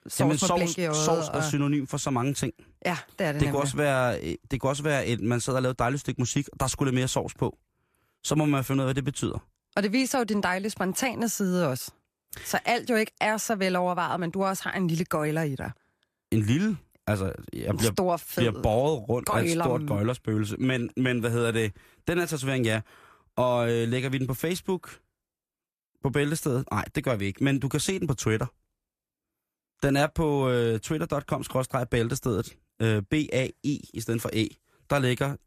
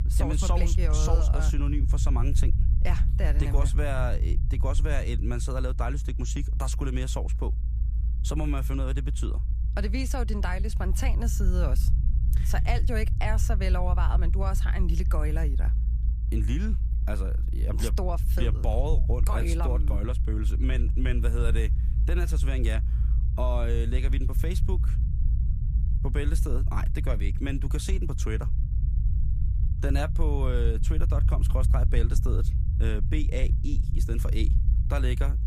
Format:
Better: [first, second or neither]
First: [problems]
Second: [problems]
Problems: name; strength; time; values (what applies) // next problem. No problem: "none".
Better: first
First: none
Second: low rumble; loud; throughout; 10 dB below the speech